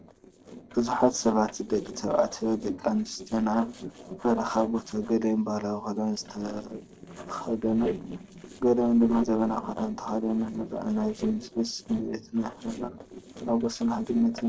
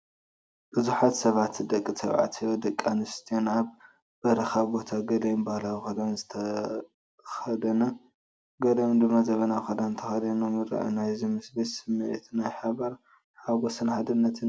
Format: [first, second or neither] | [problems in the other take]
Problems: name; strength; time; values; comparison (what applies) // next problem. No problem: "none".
second | noise reduction (neural separator model SepFormer DNS4)